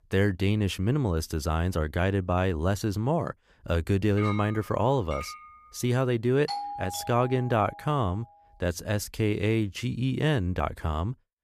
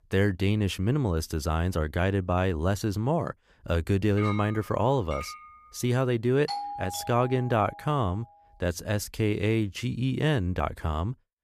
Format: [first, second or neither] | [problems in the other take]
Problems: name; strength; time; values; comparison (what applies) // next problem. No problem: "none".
neither | clattering dishes; noticeable; from 4 to 5.5 s; peak 8 dB below the speech; the same in both // doorbell; noticeable; from 6.5 to 8 s; peak 6 dB below the speech; the same in both